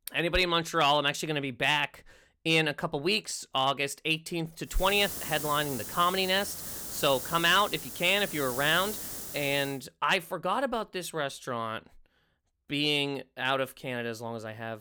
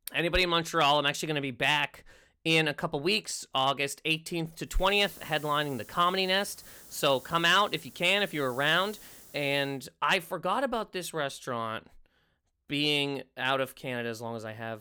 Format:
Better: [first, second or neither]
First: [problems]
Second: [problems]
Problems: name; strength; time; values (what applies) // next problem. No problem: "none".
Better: second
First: hiss; loud; from 5 to 9.5 s; 8 dB below the speech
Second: hiss; faint; from 5 to 9.5 s; 20 dB below the speech